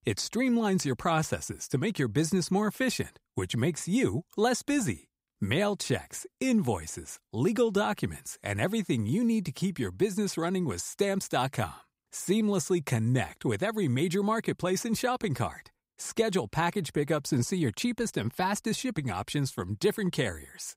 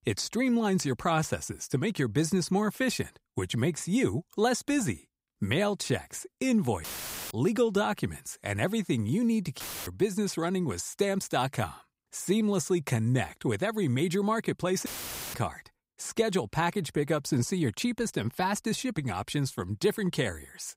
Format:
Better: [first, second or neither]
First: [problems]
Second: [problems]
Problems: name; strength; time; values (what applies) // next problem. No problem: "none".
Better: first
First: none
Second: audio cutting out; filled with static; at 7 s, at 9.5 s and at 15 s